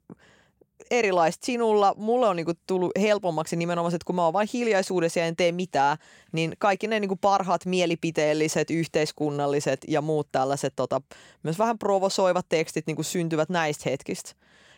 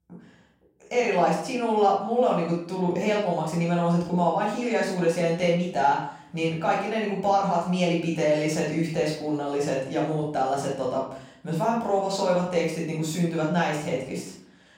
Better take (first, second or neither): first